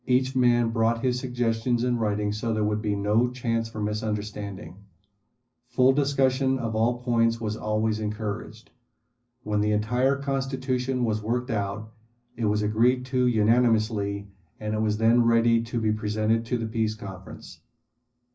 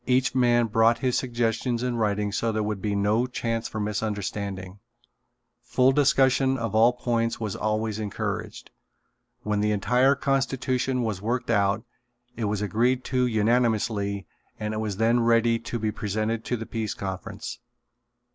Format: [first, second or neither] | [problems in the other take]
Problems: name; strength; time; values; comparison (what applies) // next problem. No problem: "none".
second | room echo; dies away in 0.4 s